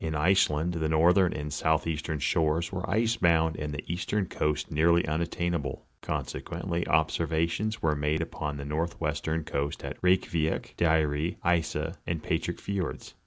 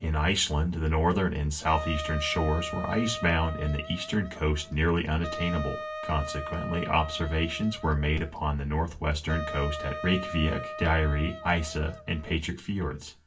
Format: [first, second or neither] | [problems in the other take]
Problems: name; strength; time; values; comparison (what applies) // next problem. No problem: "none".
first | background sound (Wind instrument, woodwind instrument); 10 dB below the speech // room echo; dies away in 0.2 s